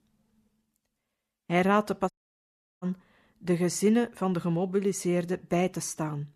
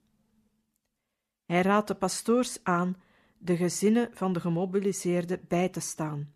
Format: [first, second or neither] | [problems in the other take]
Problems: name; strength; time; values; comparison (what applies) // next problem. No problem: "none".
second | audio cutting out; at 2 s for 0.5 s